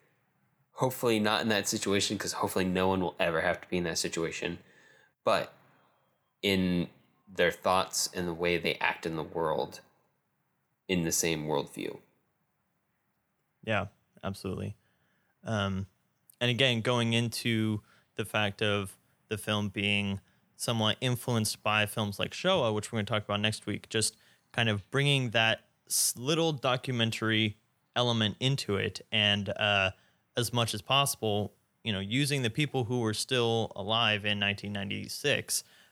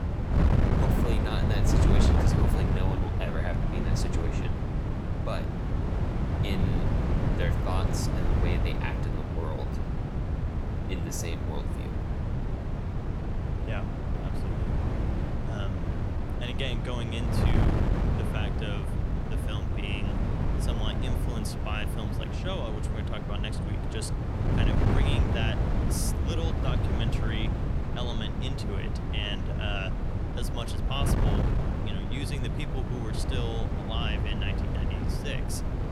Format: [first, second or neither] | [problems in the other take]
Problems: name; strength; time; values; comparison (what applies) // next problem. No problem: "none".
first | wind noise on the microphone; heavy; 1 dB above the speech